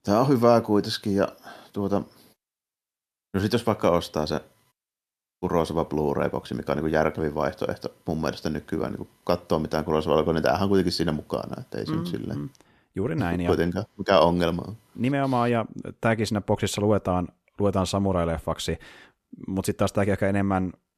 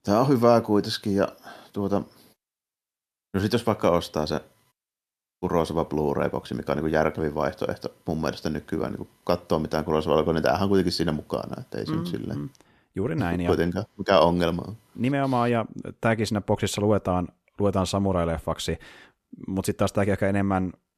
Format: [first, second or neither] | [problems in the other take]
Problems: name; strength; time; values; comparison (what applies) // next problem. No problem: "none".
neither | none